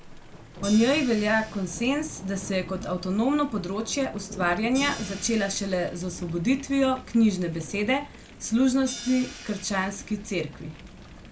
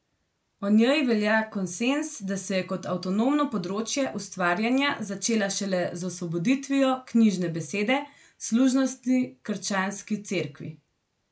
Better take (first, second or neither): second